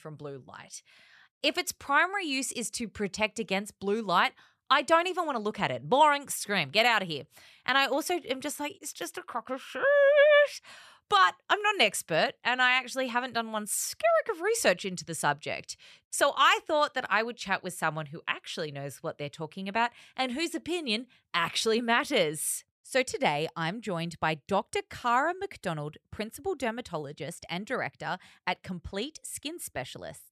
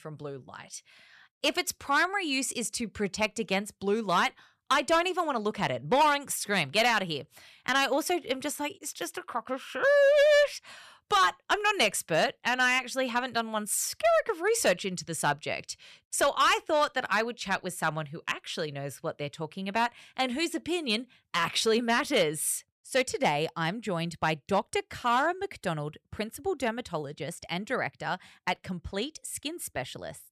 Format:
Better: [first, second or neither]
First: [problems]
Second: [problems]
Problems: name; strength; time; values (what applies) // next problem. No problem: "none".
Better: first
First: none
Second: distortion; slight; 3% of the sound clipped